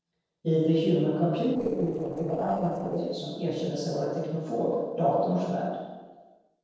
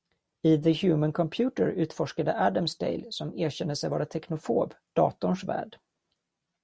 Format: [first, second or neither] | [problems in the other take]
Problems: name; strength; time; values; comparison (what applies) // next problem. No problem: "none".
second | noise reduction (neural separator model SepFormer DNS4)